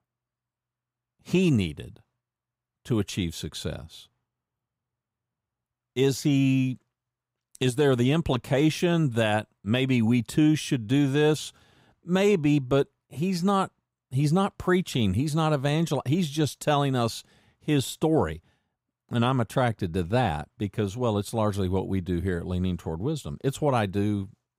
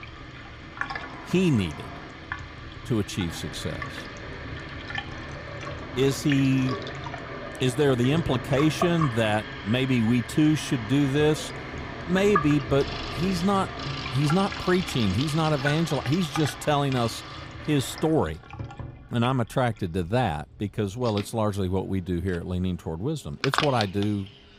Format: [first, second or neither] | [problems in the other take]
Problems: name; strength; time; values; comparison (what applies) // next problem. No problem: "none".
first | household noises; loud; throughout; 8 dB below the speech